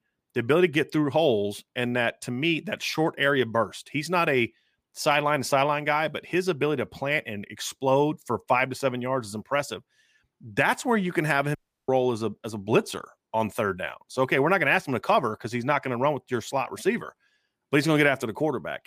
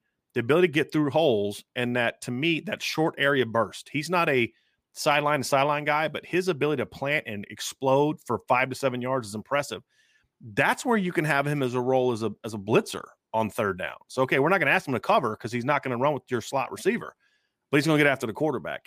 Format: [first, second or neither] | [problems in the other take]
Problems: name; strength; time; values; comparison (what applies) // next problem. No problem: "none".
second | audio cutting out; at 12 s